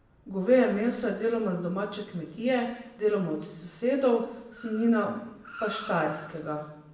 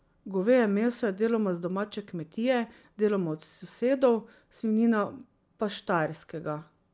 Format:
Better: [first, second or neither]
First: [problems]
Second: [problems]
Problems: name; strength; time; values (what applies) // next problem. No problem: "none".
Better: second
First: background sound (Car); 20 dB below the speech // room echo; dies away in 0.8 s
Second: none